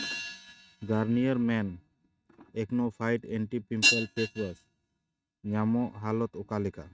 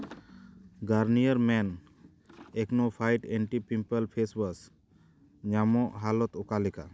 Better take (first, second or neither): second